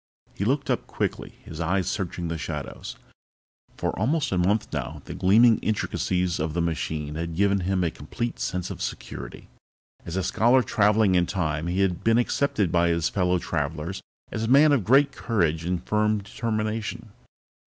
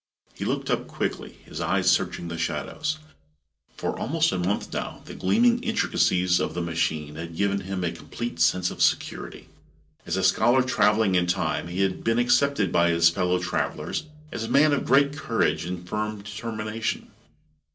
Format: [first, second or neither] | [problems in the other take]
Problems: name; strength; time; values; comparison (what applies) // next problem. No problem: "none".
first | room echo; dies away in 0.2 s